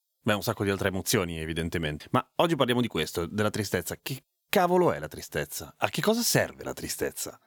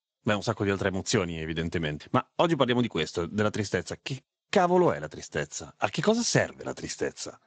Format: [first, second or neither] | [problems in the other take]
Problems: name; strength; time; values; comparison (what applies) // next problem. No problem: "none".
first | garbled, watery; slightly; nothing above 8 kHz